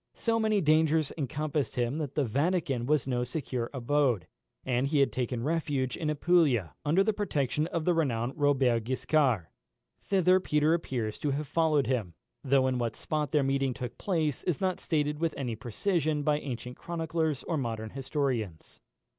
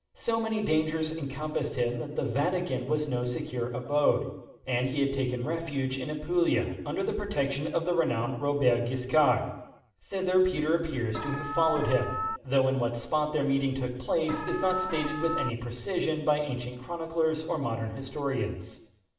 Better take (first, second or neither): first